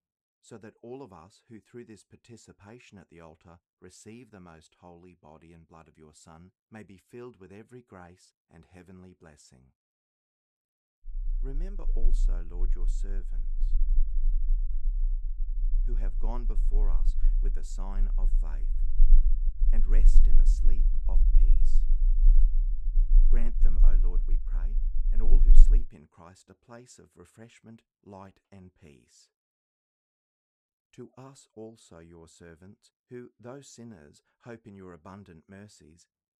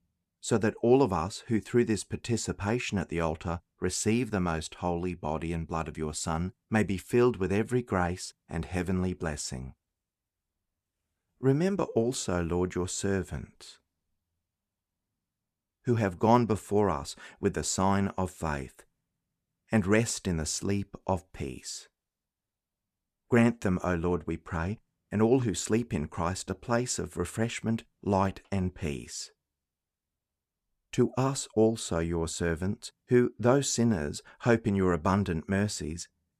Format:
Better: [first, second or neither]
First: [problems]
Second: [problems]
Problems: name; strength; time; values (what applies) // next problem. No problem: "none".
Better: second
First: low rumble; loud; from 11 to 26 s; 7 dB below the speech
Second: none